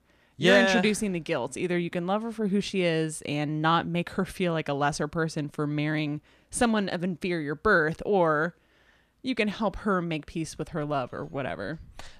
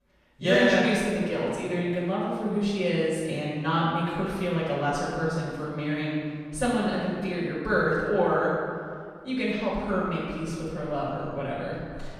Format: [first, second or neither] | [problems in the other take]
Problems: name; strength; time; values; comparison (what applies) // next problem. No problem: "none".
first | room echo; strong; dies away in 1.9 s // off-mic speech; far